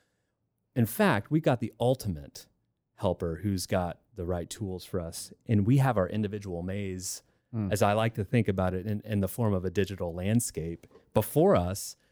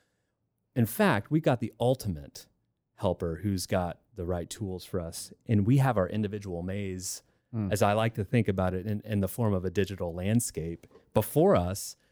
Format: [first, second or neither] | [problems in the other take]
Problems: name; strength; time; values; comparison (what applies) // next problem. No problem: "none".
neither | none